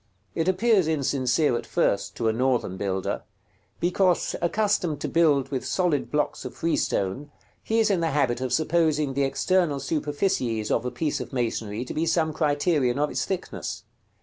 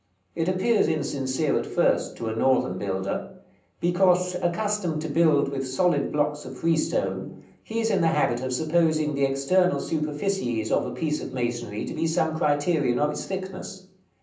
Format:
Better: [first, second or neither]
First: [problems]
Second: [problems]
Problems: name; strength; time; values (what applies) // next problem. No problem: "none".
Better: first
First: none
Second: room echo; dies away in 0.6 s